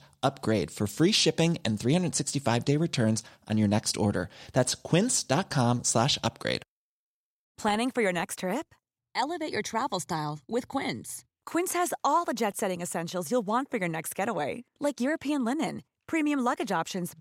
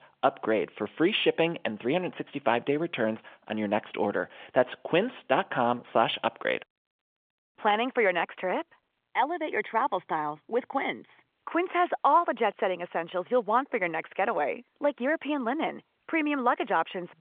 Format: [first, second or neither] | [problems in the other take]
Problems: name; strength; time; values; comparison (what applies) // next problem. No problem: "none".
first | phone-call audio; nothing above 3.5 kHz